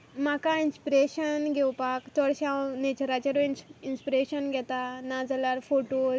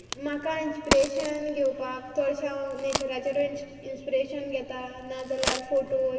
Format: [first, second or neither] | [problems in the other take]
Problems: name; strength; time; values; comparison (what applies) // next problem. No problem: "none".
first | background sound (Crack); 7 dB below the speech // room echo; dies away in 2.3 s